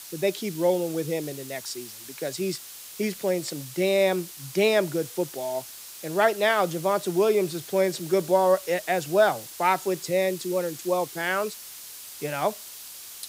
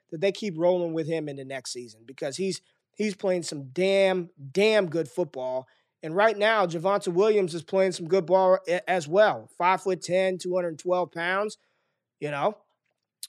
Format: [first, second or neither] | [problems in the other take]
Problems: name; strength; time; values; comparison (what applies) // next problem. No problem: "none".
second | hiss; noticeable; throughout; 15 dB below the speech